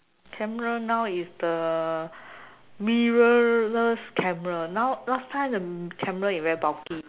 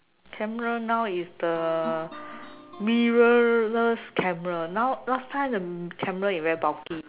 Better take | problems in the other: first | background sound (Guitar); 19 dB below the speech

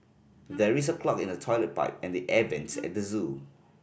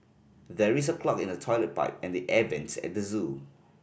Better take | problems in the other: second | background sound (Wind instrument, woodwind instrument); 16 dB below the speech

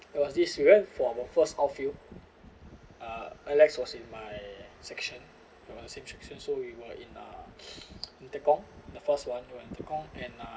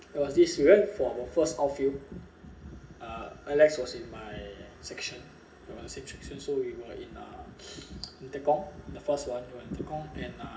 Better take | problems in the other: first | room echo; dies away in 0.4 s

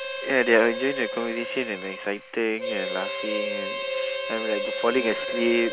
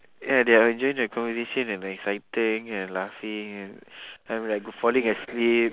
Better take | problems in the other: second | background sound (Harmonica); 4 dB below the speech

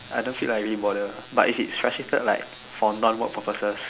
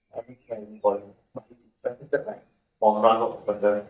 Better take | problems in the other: first | noise reduction (neural mask model DeepFilterNet 3)

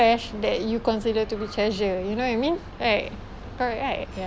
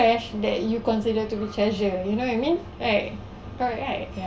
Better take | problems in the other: first | room echo; dies away in 0.3 s

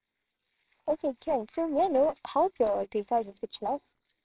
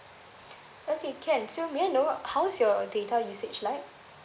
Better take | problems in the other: second | noise reduction (neural separator model SepFormer WHAMR!)

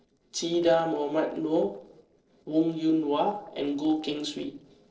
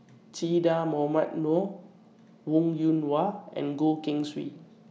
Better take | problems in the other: second | noise reduction (neural separator model SepFormer DNS4)

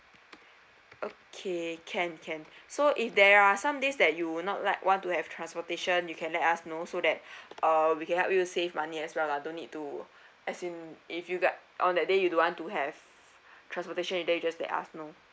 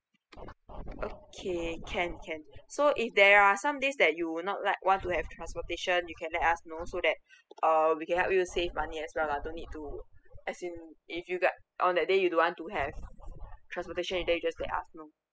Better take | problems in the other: first | noise reduction (classical method spectral subtraction)

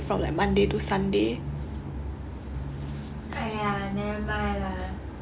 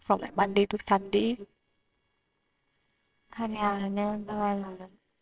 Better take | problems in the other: first | noise reduction (neural separator model SepFormer WHAMR!)

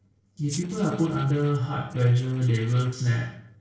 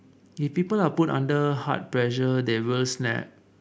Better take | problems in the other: second | noise reduction (neural separator model SepFormer DNS4)

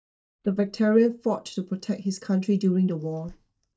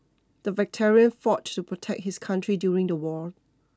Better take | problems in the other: second | noise reduction (neural mask model DeepFilterNet 3)

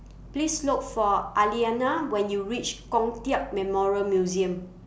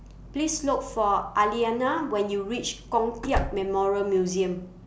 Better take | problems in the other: first | background sound (Slam); 7 dB below the speech

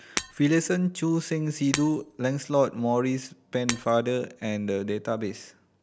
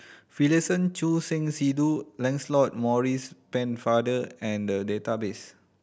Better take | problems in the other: second | background sound (Shatter); 13 dB below the speech

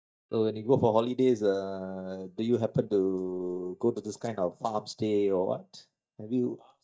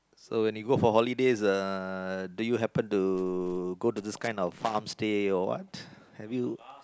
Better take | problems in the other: second | noise reduction (neural mask model DeepFilterNet 3)

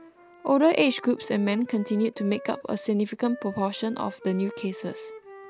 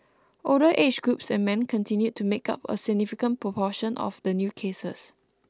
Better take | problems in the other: second | background sound (Wind instrument, woodwind instrument); 17 dB below the speech

